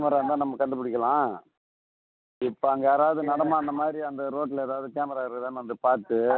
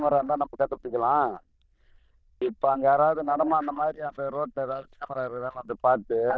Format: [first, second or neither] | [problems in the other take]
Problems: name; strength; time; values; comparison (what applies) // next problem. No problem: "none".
first | noise reduction (neural diffusion model UNIVERSE++)